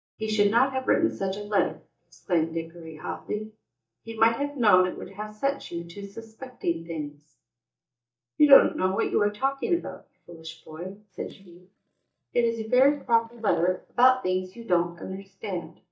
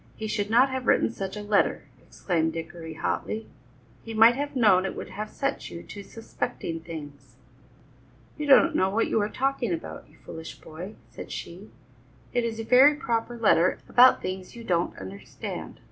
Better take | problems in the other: second | noise reduction (neural mask model DeepFilterNet 3)

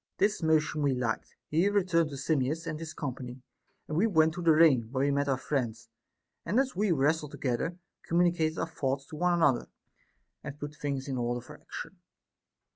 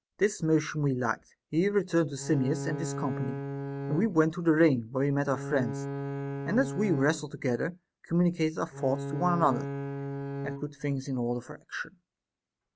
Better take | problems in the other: first | background sound (Bowed string instrument); 6 dB below the speech

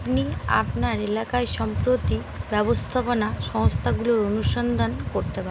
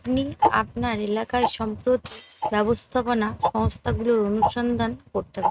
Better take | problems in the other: first | noise reduction (neural mask model RNNoise)

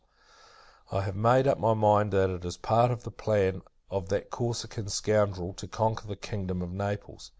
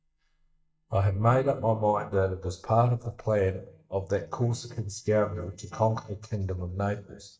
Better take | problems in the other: first | noise reduction (neural mask model DeepFilterNet 3)

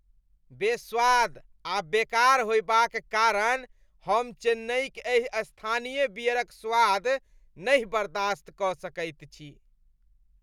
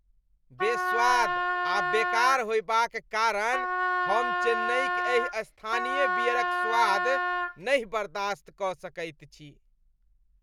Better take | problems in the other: first | background sound (Wind instrument, woodwind instrument); 1 dB above the speech

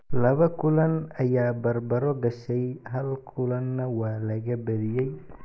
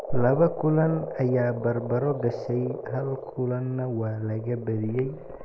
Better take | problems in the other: first | background sound (Frog); 10 dB below the speech

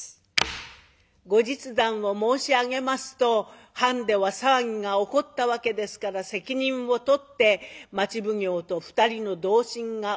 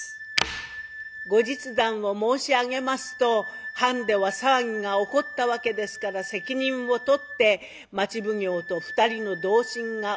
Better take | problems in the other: first | background sound (Wind instrument, woodwind instrument); 13 dB below the speech

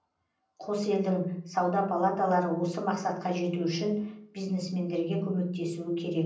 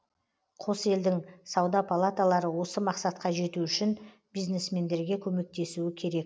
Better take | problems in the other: second | room echo; dies away in 0.6 s

